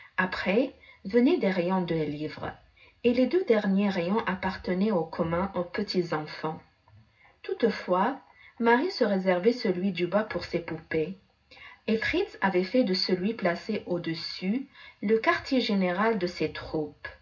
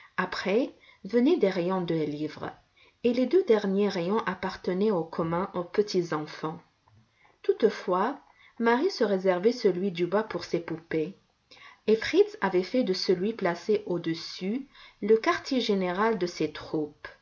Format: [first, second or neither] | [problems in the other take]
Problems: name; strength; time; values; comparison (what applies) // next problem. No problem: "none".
second | room echo; dies away in 0.4 s